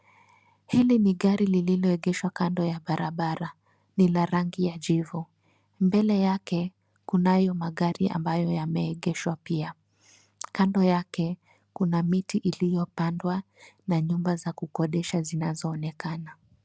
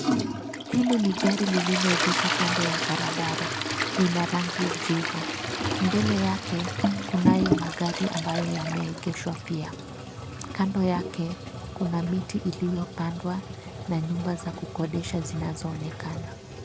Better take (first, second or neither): first